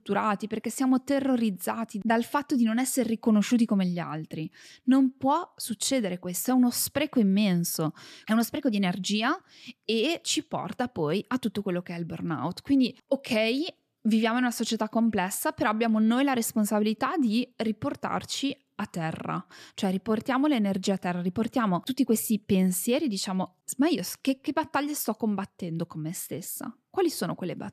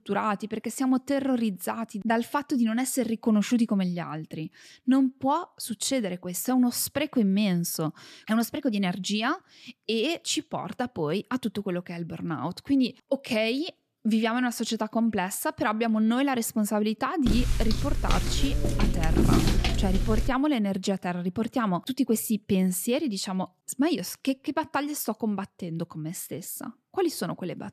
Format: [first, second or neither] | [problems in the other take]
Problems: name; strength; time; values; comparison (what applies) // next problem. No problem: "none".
first | footsteps; loud; from 17 to 20 s; peak 5 dB above the speech